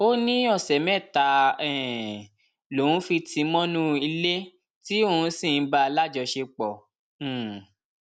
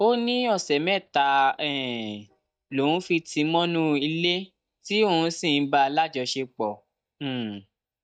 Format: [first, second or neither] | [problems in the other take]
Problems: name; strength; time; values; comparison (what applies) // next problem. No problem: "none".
first | noise reduction (neural mask model DeepFilterNet 3)